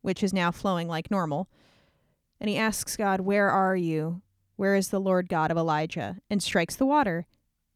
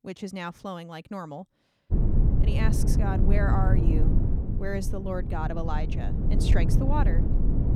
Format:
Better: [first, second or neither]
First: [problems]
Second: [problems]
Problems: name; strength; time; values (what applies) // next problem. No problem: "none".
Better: first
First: none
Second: low rumble; loud; from 2 s on; 3 dB below the speech